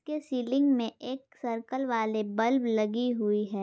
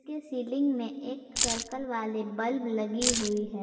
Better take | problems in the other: first | background sound (Keys jangling); 2 dB above the speech // room echo; dies away in 2.6 s

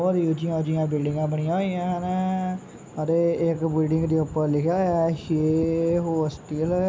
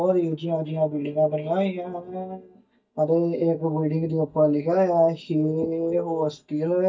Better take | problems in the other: first | noise reduction (neural mask model DeepFilterNet 3)

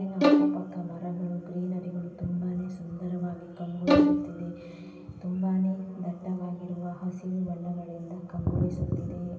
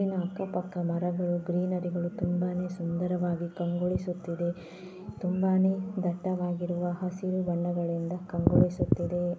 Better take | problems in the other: second | background sound (Bowed string instrument); 4 dB above the speech // room echo; dies away in 2.3 s

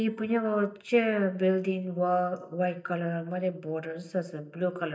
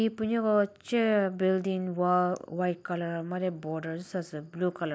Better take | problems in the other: second | noise reduction (neural mask model DeepFilterNet 3)

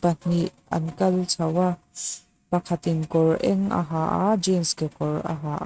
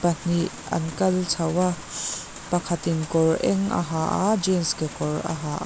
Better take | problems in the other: second | noise reduction (neural mask model RNNoise)

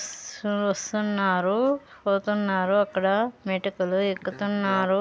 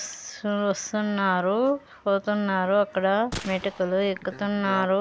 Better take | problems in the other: first | background sound (Gunshot, gunfire); 15 dB below the speech

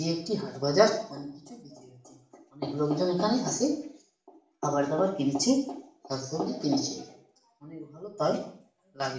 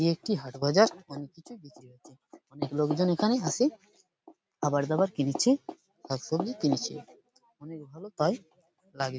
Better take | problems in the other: second | room echo; dies away in 0.5 s

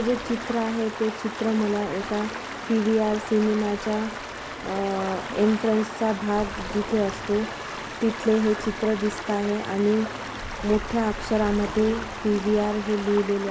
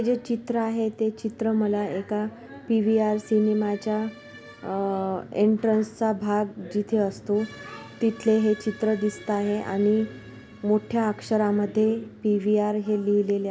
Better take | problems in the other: second | background sound (Stream); 9 dB below the speech

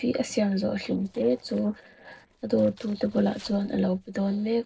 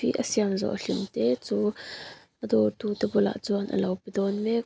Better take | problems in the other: second | noise reduction (neural separator model SepFormer DNS4)

